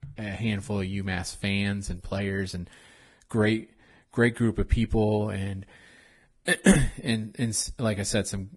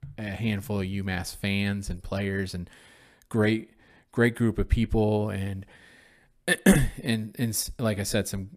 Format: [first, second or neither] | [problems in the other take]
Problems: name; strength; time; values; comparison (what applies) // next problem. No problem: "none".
second | garbled, watery; badly; nothing above 10.5 kHz